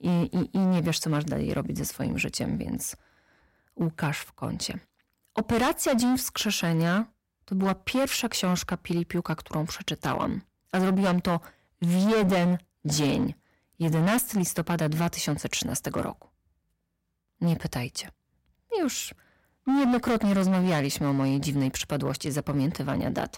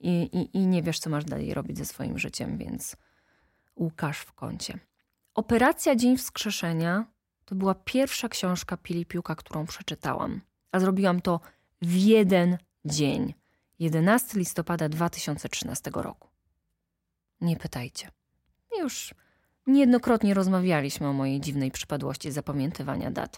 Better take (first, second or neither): second